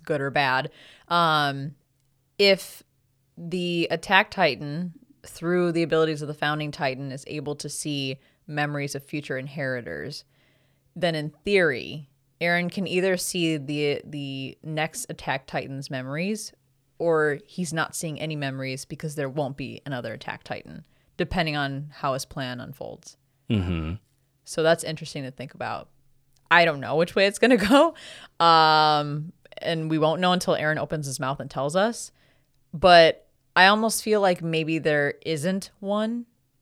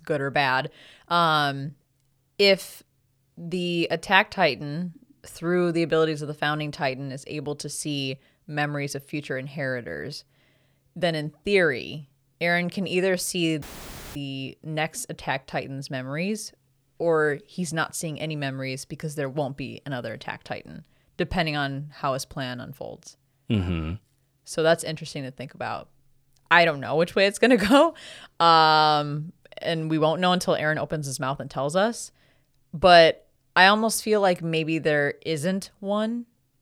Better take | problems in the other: first | audio cutting out; filled with static; at 14 s for 0.5 s

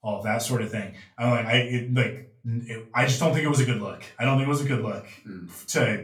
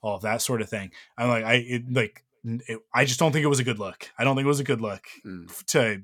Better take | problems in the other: second | off-mic speech; far // room echo; very slight; dies away in 0.3 s

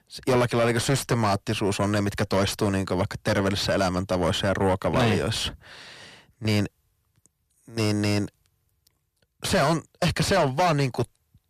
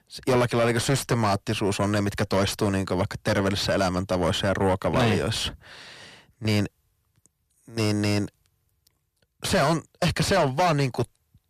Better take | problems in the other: neither | distortion; heavy; 6 dB below the speech; the same in both

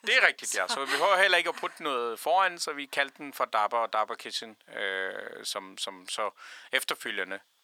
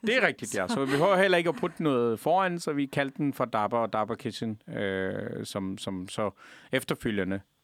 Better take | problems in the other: second | thin; very; fading below 800 Hz

